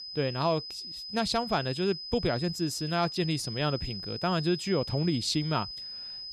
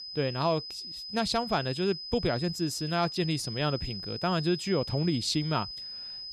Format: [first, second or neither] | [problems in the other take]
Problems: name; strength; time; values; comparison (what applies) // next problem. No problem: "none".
neither | high-pitched whine; loud; throughout; 5 kHz, 7 dB below the speech; the same in both